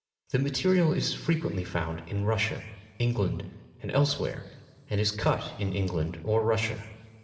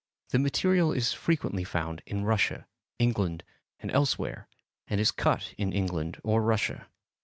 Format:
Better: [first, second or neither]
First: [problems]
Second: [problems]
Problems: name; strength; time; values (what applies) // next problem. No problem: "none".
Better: second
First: room echo; dies away in 3 s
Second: none